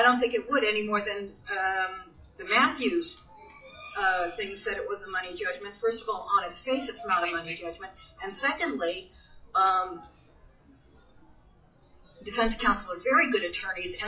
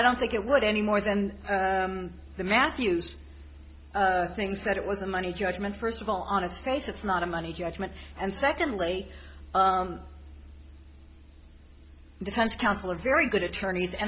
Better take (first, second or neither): second